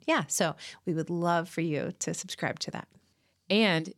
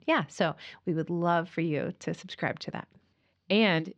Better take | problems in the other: first | muffled; slightly; fading above 3.5 kHz

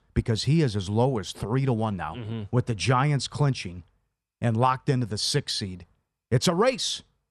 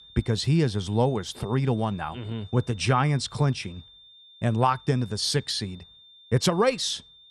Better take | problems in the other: first | high-pitched whine; faint; throughout; 3.5 kHz, 25 dB below the speech

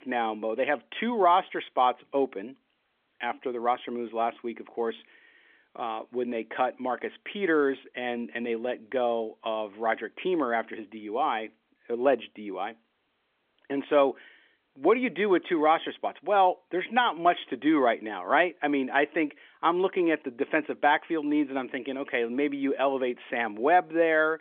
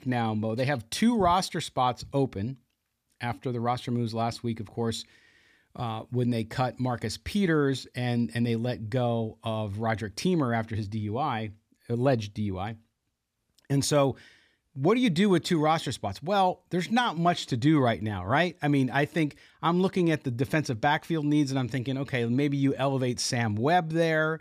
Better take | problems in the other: second | phone-call audio; nothing above 3.5 kHz

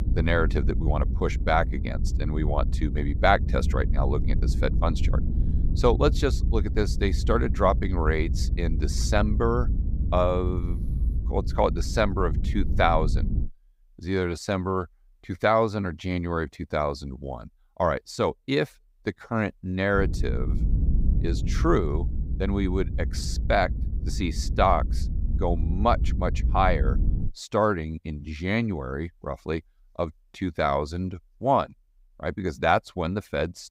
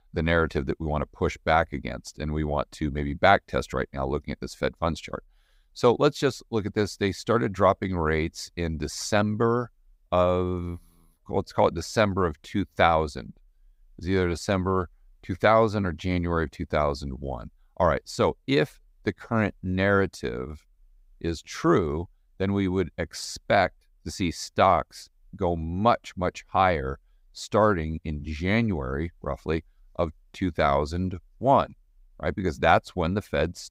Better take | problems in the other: second | low rumble; noticeable; until 13 s and from 20 to 27 s; 15 dB below the speech

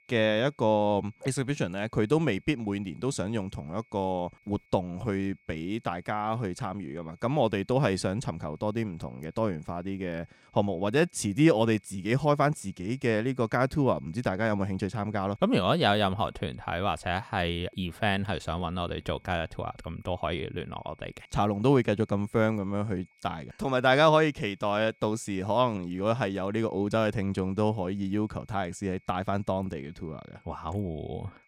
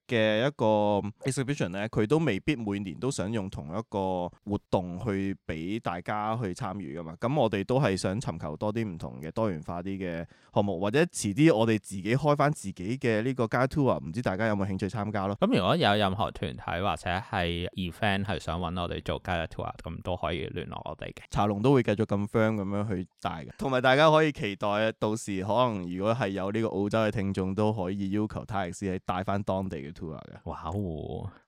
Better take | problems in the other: second | high-pitched whine; faint; throughout; 2 kHz, 35 dB below the speech

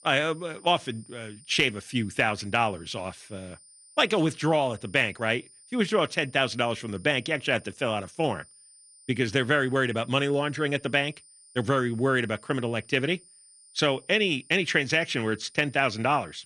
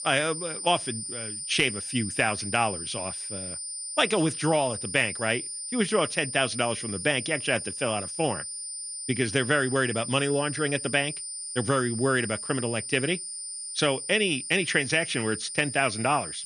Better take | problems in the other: first | high-pitched whine; loud; throughout; 9 kHz, 7 dB below the speech; faint in the first

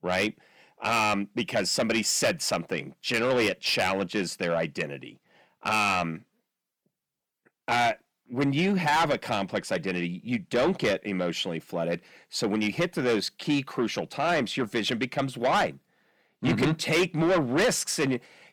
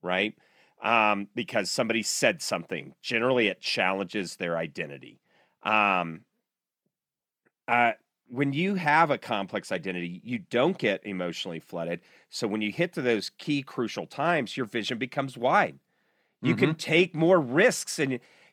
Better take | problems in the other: second | distortion; heavy; 6 dB below the speech

